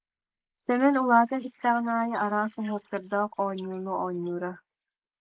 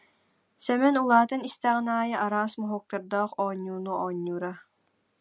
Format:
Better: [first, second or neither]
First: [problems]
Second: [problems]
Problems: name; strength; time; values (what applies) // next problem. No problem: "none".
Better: second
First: noise reduction (neural mask model Resemble Enhance denoiser)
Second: none